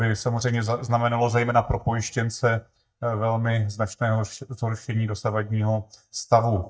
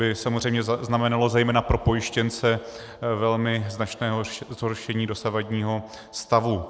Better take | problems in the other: second | noise reduction (neural mask model DeepFilterNet 3)

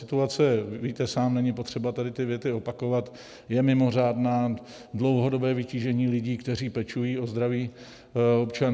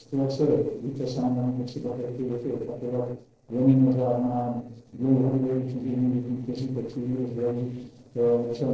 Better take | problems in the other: first | noise reduction (neural separator model SepFormer DNS4)

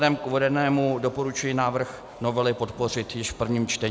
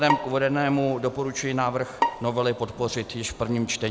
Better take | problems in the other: first | background sound (Bowed string instrument); 7 dB below the speech

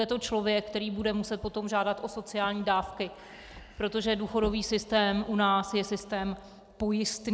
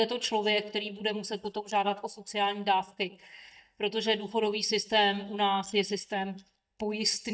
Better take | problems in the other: first | noise reduction (neural mask model DeepFilterNet 3)

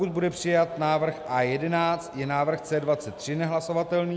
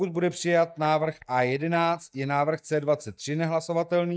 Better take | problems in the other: first | noise reduction (neural mask model DeepFilterNet 3)

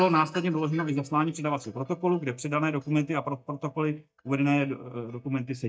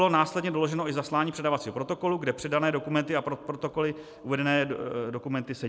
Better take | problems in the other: second | noise reduction (neural mask model DeepFilterNet 3)

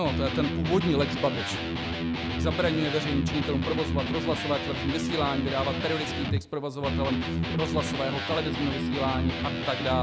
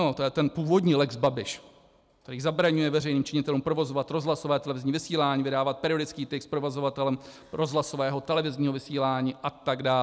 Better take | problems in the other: second | background sound (Electric guitar); as loud as the speech

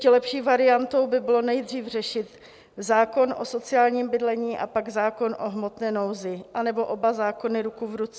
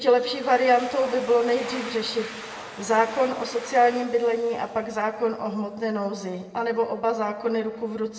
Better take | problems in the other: first | background sound (Domestic sounds, home sounds); 17 dB below the speech // room echo; dies away in 1.4 s

